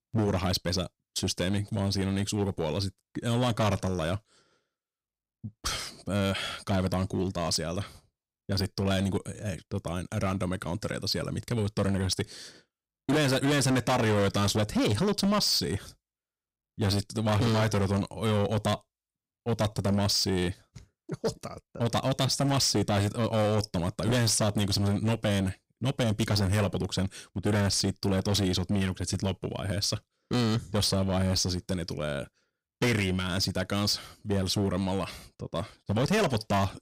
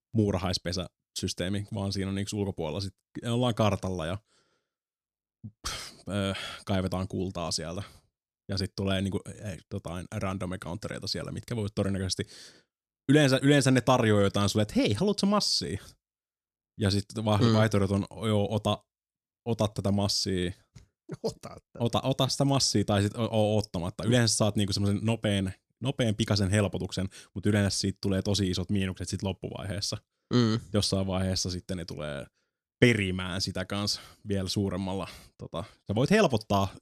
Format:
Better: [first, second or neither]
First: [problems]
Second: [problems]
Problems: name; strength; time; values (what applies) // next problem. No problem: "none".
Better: second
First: distortion; heavy; 12% of the sound clipped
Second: none